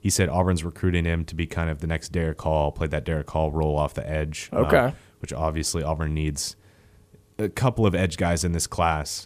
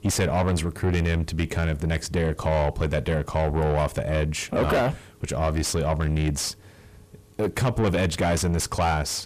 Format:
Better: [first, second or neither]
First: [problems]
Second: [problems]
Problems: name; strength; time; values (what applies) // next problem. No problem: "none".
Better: first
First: none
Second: distortion; heavy; 7 dB below the speech